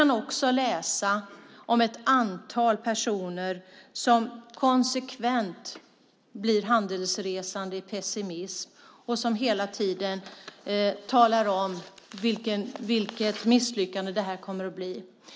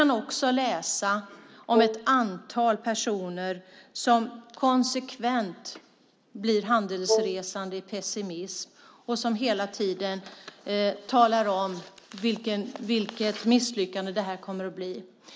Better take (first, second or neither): first